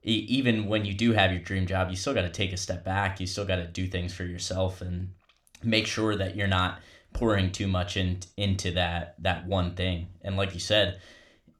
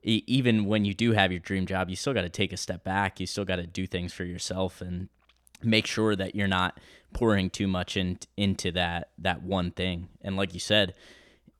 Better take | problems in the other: second | room echo; very slight; dies away in 0.4 s

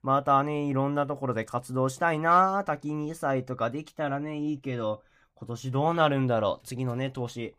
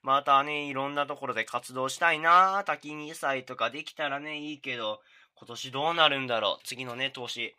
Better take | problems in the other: first | thin; somewhat; fading below 900 Hz

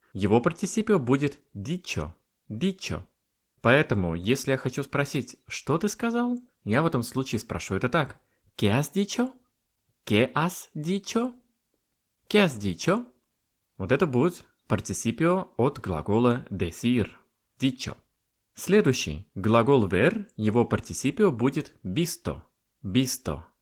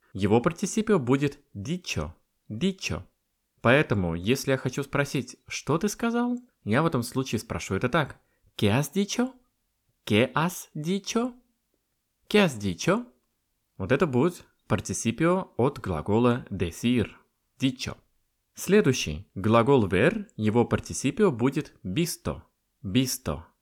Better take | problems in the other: second | garbled, watery; slightly

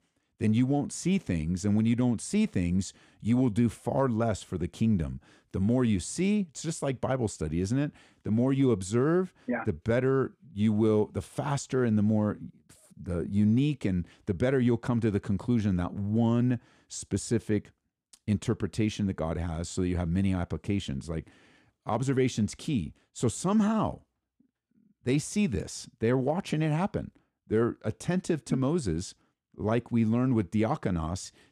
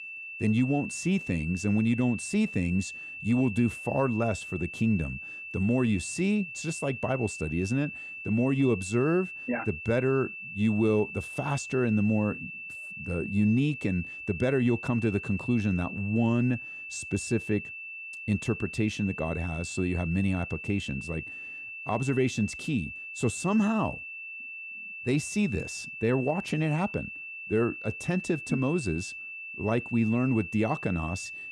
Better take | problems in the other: first | high-pitched whine; loud; throughout; 2.5 kHz, 9 dB below the speech

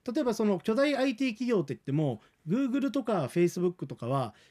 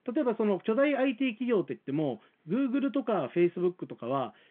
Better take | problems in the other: first | phone-call audio

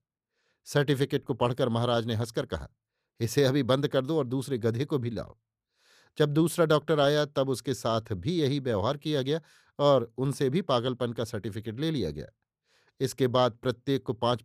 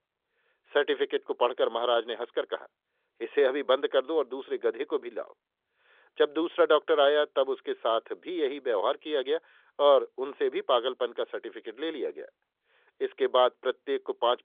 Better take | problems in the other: first | phone-call audio; nothing above 3.5 kHz

